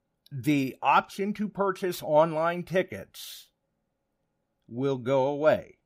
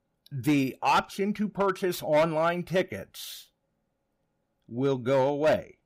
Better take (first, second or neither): first